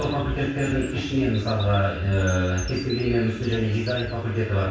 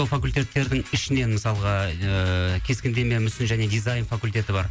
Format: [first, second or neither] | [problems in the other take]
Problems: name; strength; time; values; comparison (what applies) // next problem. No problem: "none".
second | background sound (Bird vocalization, bird call, bird song); 19 dB below the speech // room echo; dies away in 0.7 s